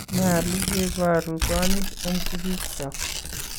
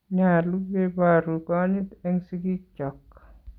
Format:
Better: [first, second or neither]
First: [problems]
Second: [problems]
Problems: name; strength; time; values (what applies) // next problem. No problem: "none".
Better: second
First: background sound (Tearing); 1 dB below the speech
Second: none